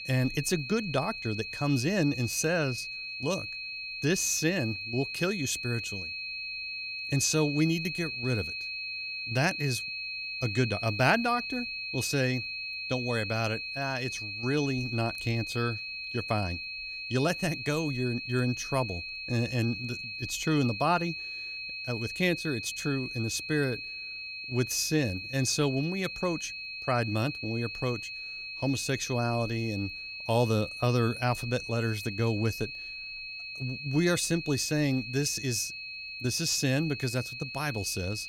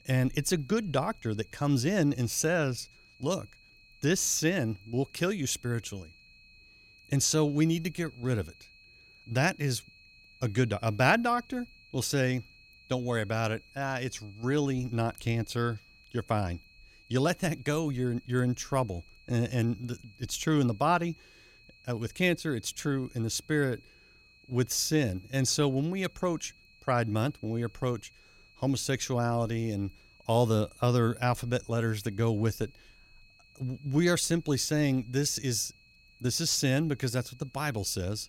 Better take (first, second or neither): second